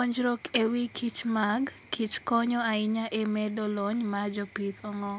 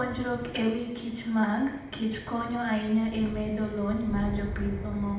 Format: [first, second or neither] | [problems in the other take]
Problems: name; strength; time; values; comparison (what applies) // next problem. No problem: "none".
first | background sound (Thunder / Rain); 9 dB below the speech // room echo; dies away in 0.8 s